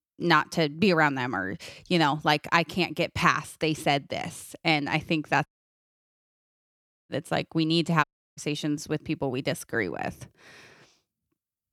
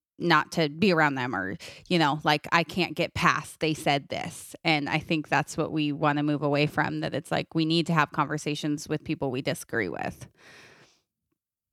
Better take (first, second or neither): second